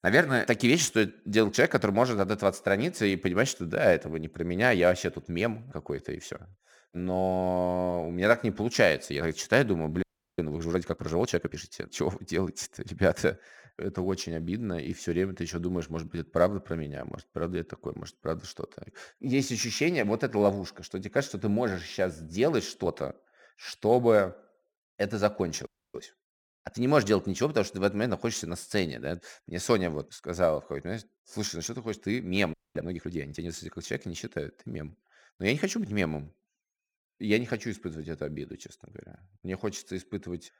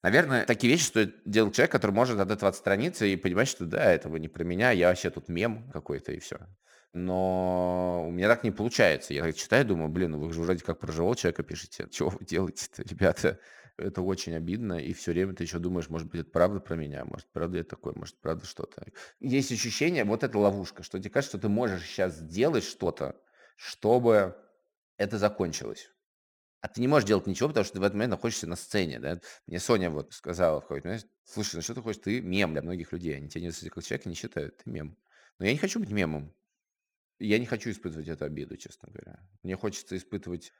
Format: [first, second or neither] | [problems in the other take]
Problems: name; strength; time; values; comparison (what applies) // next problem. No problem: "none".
second | audio freezing; at 10 s, at 26 s and at 33 s